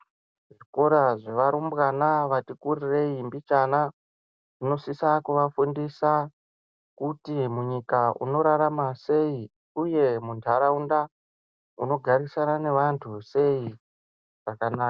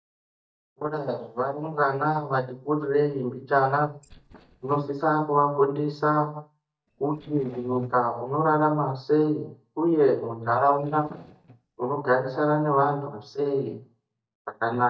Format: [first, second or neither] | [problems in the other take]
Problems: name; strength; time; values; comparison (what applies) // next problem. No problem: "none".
first | noise reduction (neural mask model DeepFilterNet 3)